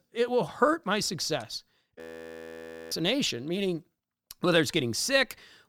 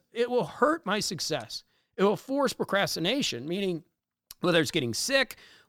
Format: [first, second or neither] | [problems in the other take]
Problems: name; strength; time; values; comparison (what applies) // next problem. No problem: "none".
second | audio freezing; at 2 s for 1 s